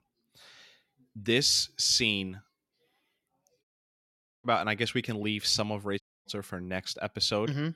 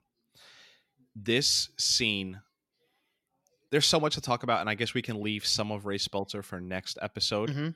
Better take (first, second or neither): second